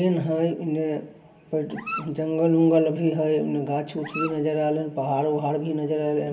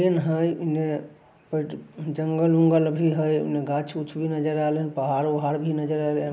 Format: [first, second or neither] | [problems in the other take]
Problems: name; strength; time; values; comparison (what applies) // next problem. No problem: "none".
second | background sound (Dog); 13 dB below the speech // room echo; dies away in 1.3 s